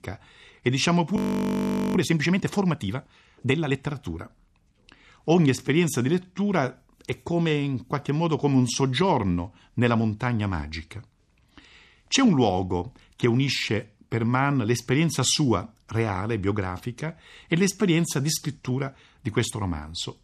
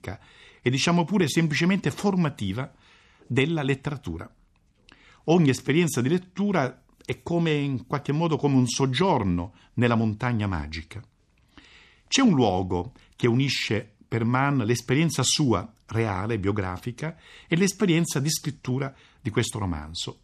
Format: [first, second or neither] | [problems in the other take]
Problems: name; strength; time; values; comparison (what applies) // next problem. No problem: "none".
second | audio freezing; at 1 s for 1 s